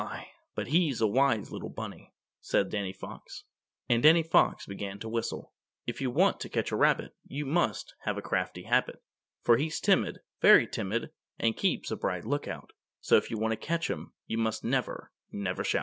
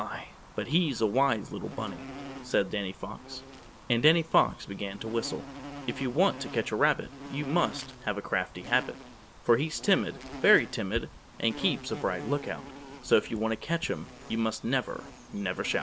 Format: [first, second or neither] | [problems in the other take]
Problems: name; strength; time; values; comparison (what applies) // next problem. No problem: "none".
first | background sound (Insect); 14 dB below the speech